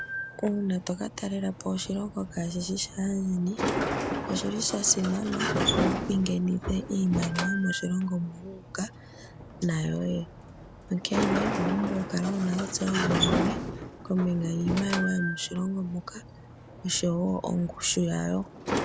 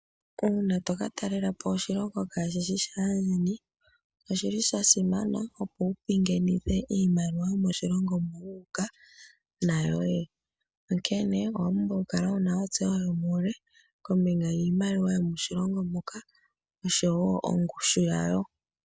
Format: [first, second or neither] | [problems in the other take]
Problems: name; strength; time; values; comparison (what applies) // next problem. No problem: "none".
second | background sound (Sliding door); 4 dB below the speech